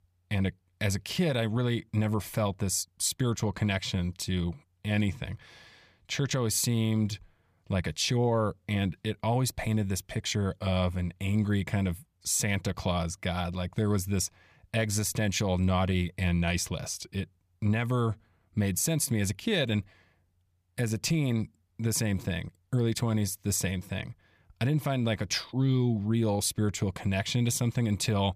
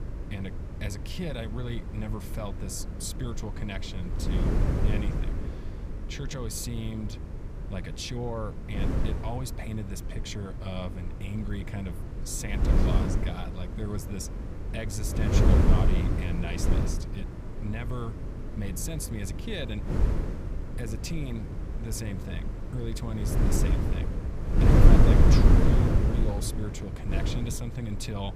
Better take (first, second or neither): first